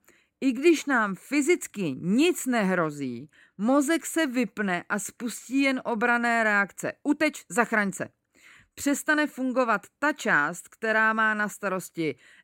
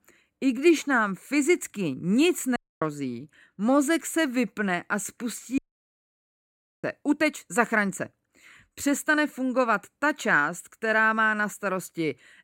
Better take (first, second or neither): first